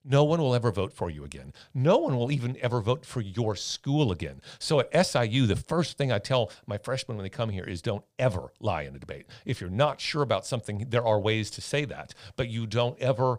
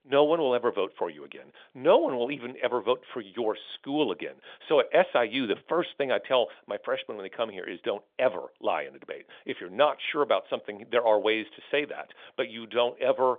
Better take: first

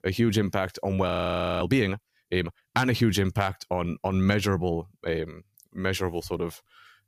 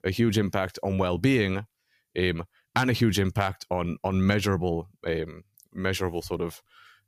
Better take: second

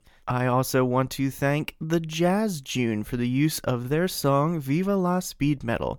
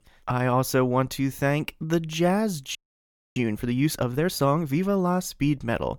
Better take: first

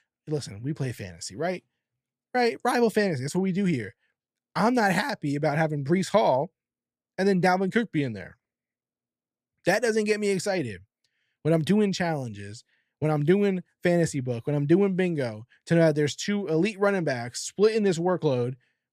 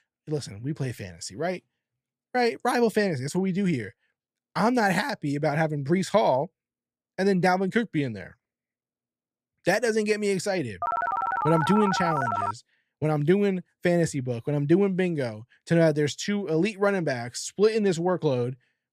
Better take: first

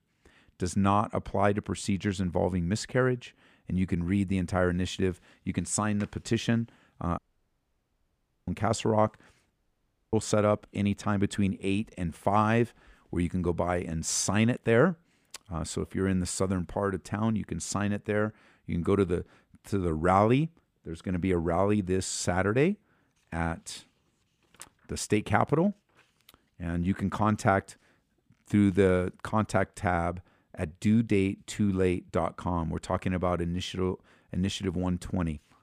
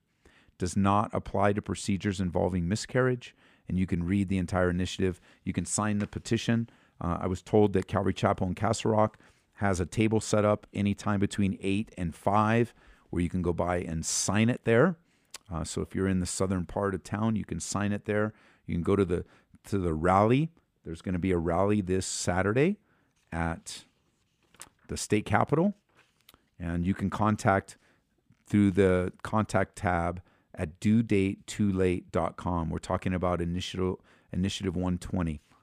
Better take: second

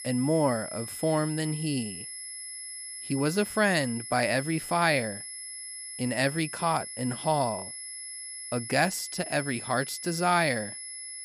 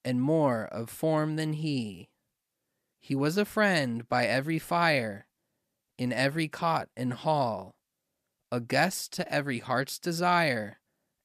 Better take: second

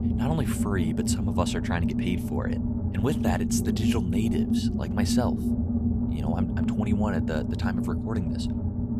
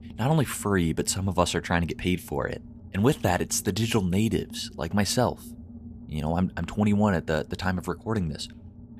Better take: second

